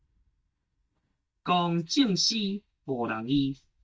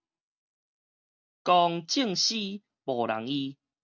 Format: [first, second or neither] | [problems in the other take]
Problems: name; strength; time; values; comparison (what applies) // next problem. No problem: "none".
second | noise reduction (neural mask model DeepFilterNet 3)